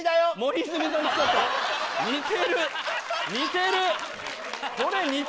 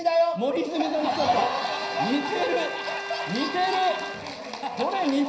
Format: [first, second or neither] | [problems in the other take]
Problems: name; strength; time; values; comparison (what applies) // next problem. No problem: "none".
first | background sound (Bowed string instrument); 11 dB below the speech // room echo; dies away in 0.9 s